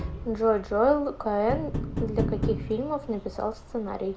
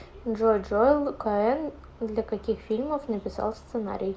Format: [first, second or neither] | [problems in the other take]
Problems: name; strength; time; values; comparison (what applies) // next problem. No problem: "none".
second | background sound (Tap); 6 dB below the speech